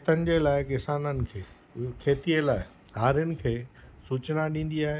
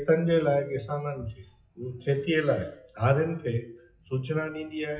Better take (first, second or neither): first